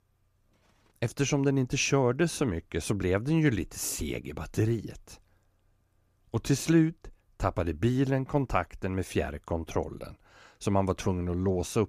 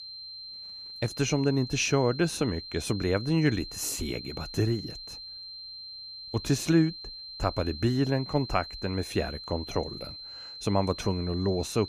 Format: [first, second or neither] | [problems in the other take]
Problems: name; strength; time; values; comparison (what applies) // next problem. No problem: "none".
first | high-pitched whine; noticeable; throughout; 4 kHz, 10 dB below the speech